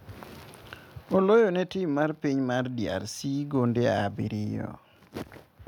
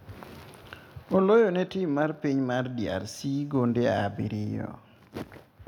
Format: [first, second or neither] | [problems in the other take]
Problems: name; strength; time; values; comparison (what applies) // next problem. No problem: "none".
first | room echo; dies away in 0.9 s